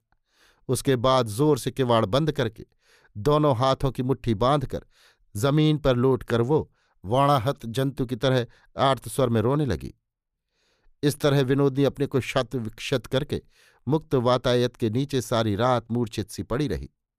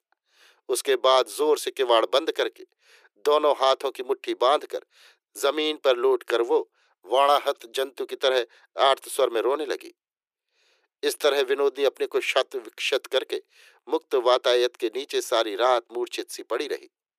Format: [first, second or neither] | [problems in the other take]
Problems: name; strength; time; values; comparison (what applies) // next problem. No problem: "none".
first | thin; very; fading below 350 Hz